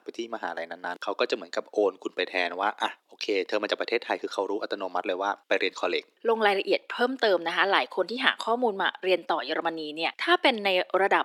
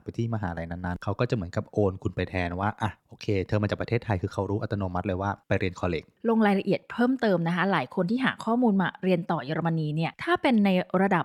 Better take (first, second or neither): second